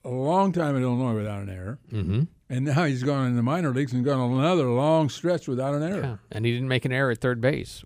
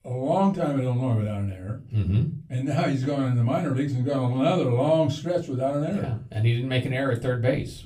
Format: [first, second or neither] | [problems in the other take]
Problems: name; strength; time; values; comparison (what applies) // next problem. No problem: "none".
first | off-mic speech; somewhat distant // room echo; very slight; dies away in 0.3 s